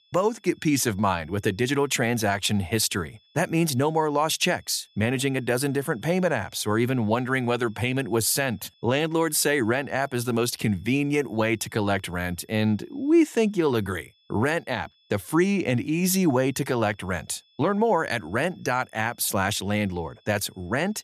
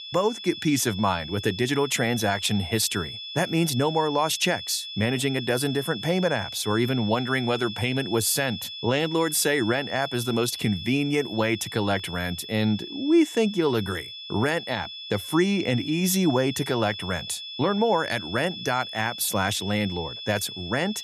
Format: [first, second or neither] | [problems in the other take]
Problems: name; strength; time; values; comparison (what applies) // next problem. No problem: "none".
first | high-pitched whine; loud; throughout; 3.5 kHz, 9 dB below the speech; faint in the first